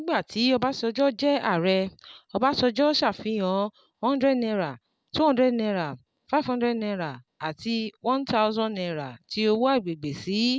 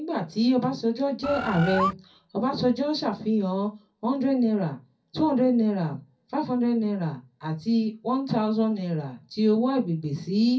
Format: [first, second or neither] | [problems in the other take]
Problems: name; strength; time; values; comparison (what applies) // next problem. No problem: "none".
first | background sound (Bird); 3 dB below the speech // room echo; dies away in 0.3 s